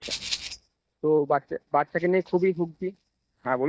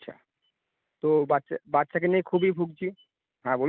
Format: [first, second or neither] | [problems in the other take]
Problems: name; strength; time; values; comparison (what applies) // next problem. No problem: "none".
second | noise reduction (neural mask model DeepFilterNet 3)